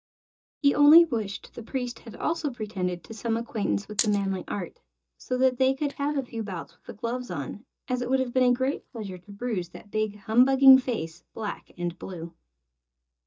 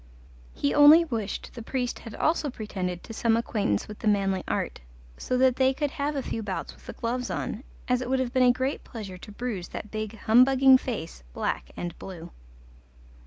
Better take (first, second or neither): second